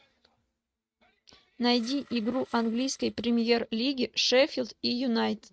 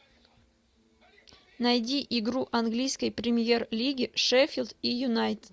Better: second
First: noise reduction (neural mask model RNNoise)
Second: none

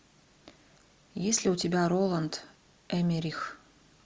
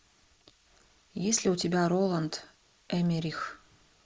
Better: first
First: none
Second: noise reduction (neural mask model Resemble Enhance denoiser)

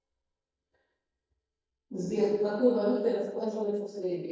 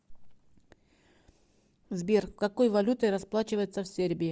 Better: second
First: noise reduction (neural mask model DeepFilterNet 3)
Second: none

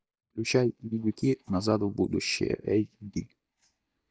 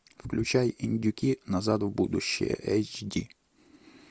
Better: second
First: noise reduction (neural mask model DeepFilterNet 3)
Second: none

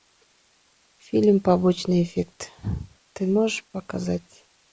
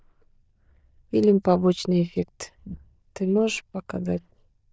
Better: first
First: none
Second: noise reduction (neural diffusion model UNIVERSE++)

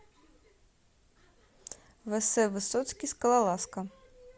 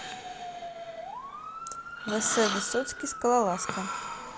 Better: first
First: none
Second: background sound (Motor vehicle (road) / Siren + Breathing); 5 dB below the speech

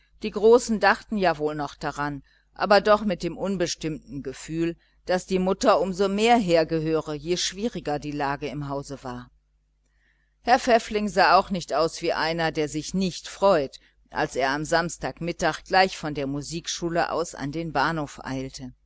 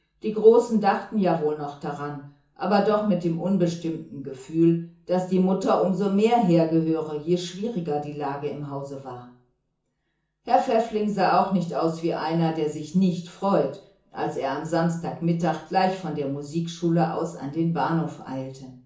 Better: first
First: none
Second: room echo; dies away in 0.7 s

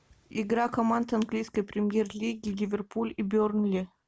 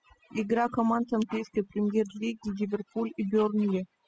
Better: first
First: none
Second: noise reduction (classical method spectral subtraction)

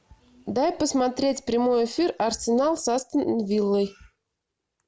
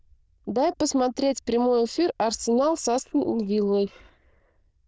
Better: first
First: none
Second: noise reduction (neural diffusion model UNIVERSE++)

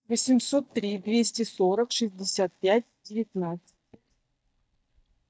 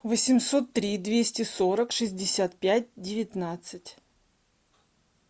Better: second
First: noise reduction (neural mask model DeepFilterNet 3)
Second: none

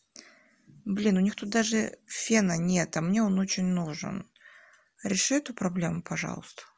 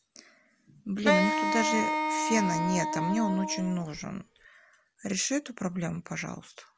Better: first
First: none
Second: background sound (Wind instrument, woodwind instrument); 2 dB above the speech

